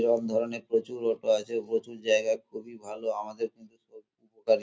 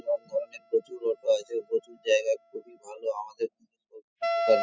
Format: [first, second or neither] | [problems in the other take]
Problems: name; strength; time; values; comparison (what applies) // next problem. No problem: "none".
first | noise reduction (classical method spectral subtraction)